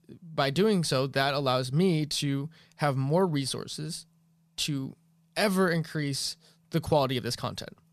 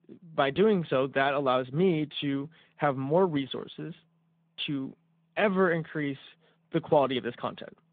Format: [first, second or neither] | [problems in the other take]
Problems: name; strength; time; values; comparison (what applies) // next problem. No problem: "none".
first | phone-call audio; nothing above 3.5 kHz